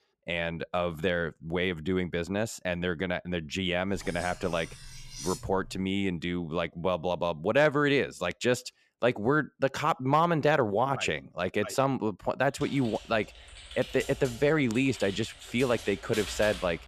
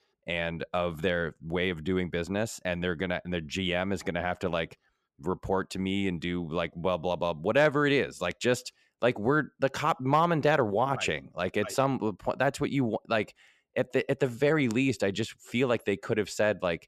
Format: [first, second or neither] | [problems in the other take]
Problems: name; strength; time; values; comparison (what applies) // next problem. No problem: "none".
second | clattering dishes; noticeable; from 4 to 6 s; peak 10 dB below the speech // keyboard typing; noticeable; from 13 s on; peak 7 dB below the speech